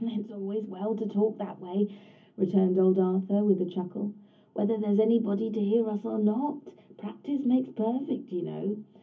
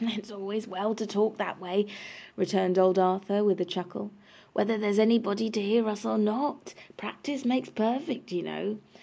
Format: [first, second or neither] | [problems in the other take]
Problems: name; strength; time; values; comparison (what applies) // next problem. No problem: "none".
second | room echo; dies away in 0.3 s